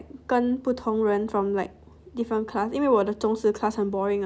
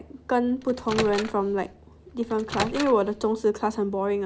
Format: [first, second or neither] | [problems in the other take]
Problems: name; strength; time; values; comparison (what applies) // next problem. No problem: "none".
first | background sound (Microwave oven); 10 dB below the speech